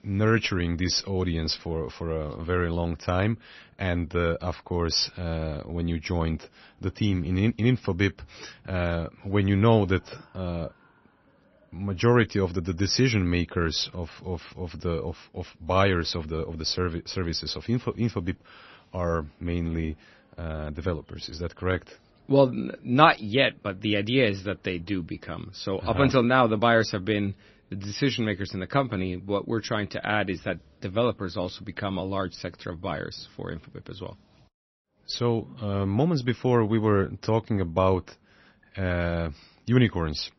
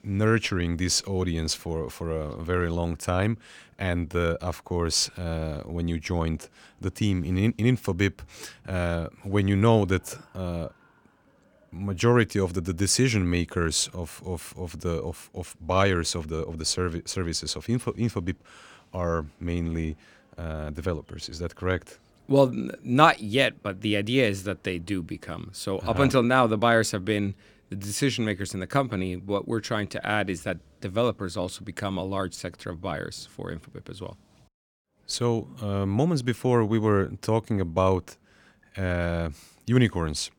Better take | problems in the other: second | garbled, watery; slightly; nothing above 6 kHz

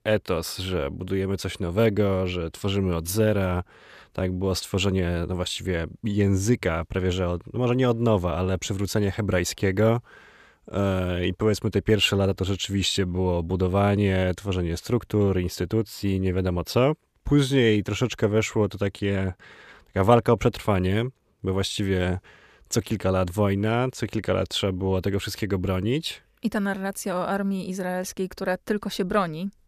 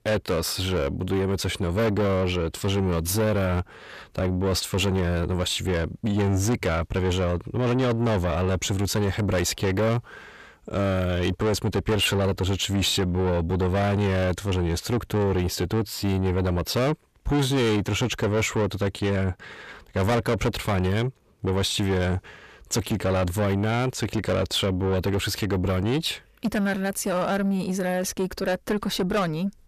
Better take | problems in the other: first | distortion; heavy; 8 dB below the speech

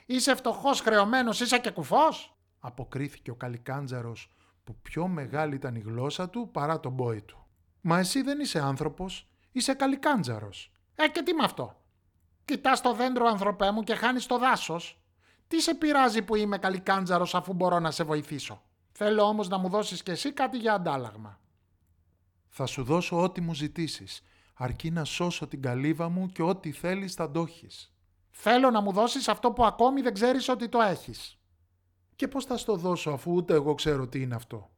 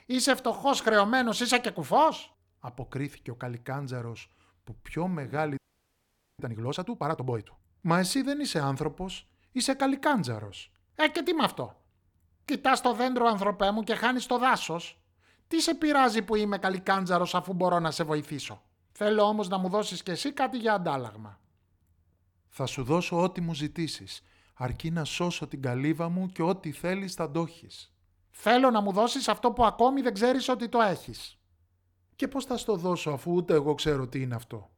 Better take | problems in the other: first | audio freezing; at 5.5 s for 1 s

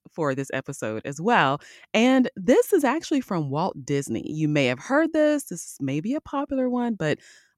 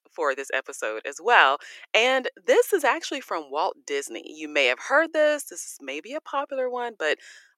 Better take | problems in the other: first | thin; very; fading below 400 Hz

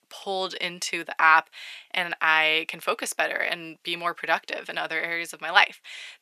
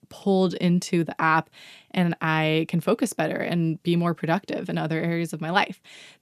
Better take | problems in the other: second | thin; very; fading below 750 Hz

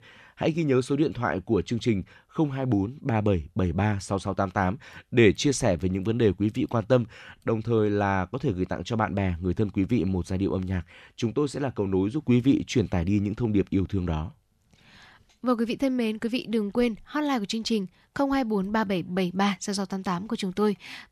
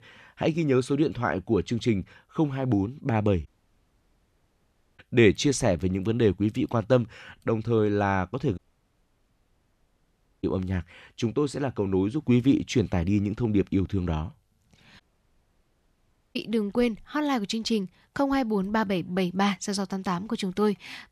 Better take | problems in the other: first | audio cutting out; at 3.5 s for 1.5 s, at 8.5 s for 2 s and at 15 s for 1.5 s

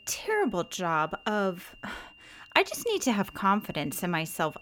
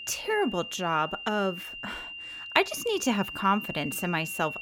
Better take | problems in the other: first | high-pitched whine; loud; throughout; 3 kHz, 9 dB below the speech; faint in the first

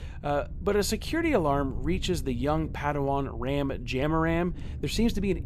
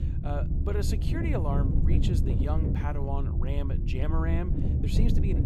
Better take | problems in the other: first | low rumble; loud; throughout; 3 dB below the speech; faint in the first

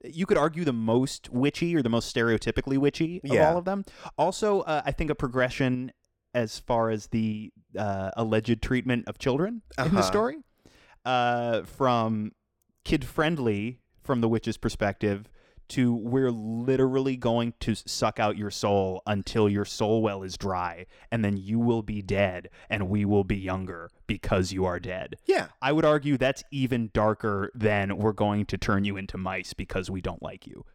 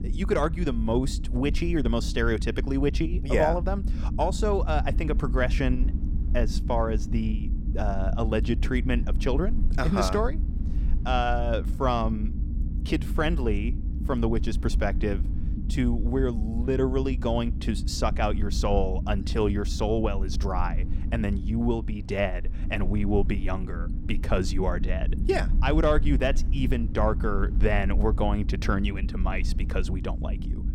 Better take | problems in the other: first | low rumble; noticeable; throughout; 15 dB below the speech

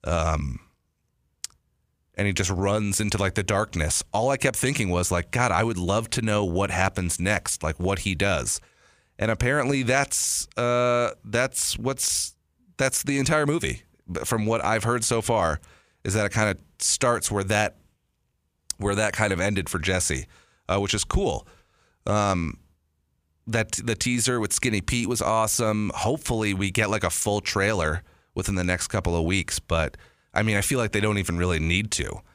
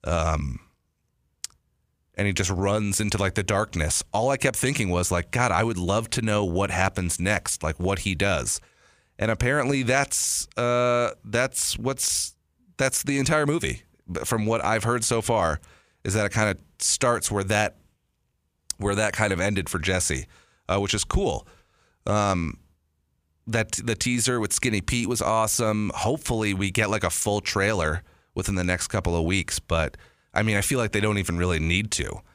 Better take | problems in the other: neither | none

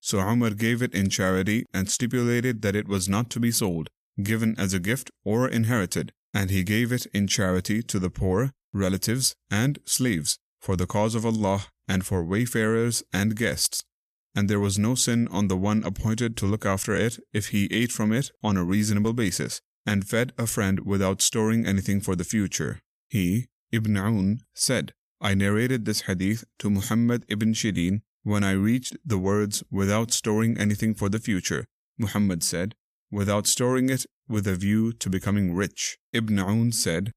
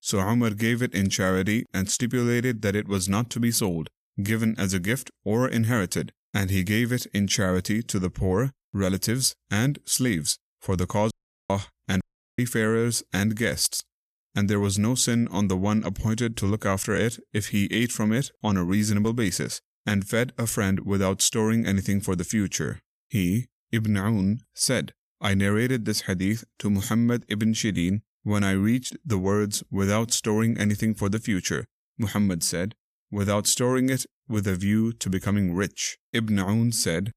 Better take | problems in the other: first | audio cutting out; at 11 s and at 12 s

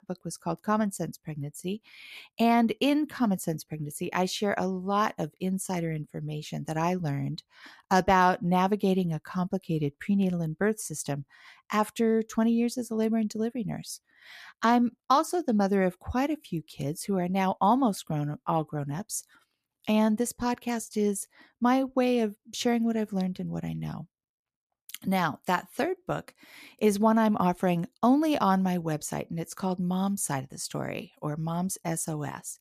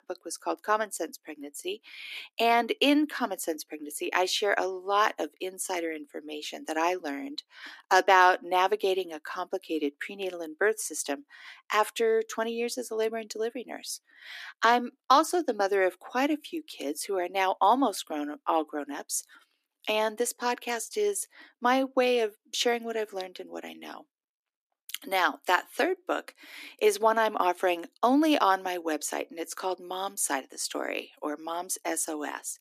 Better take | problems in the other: first | thin; somewhat; fading below 300 Hz

